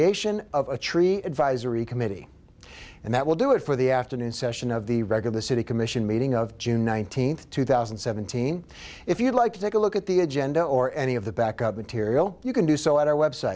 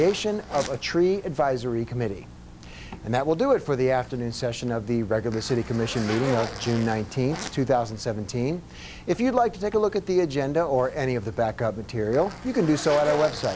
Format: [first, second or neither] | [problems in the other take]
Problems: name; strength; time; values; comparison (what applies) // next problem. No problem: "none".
first | background sound (Zipper (clothing)); 14 dB below the speech